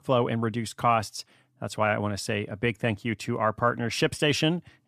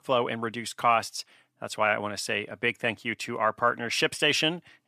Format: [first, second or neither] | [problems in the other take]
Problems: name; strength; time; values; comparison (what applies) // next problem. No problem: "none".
first | thin; somewhat; fading below 1 kHz